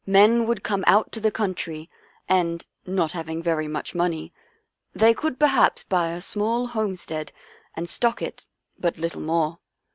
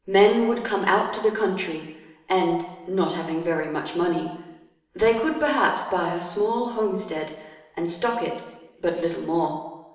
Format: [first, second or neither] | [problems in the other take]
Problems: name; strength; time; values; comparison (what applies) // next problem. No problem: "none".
first | room echo; dies away in 1 s